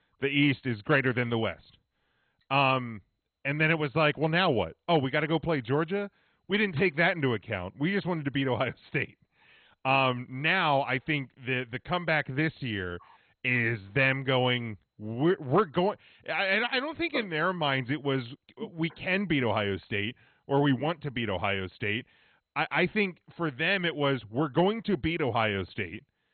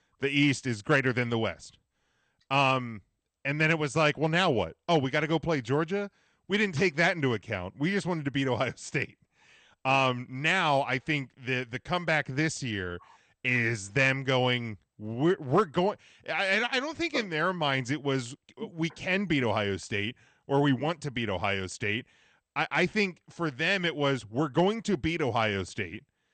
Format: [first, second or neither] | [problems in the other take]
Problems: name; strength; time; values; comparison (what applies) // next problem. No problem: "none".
second | garbled, watery; badly; nothing above 4 kHz; slightly in the second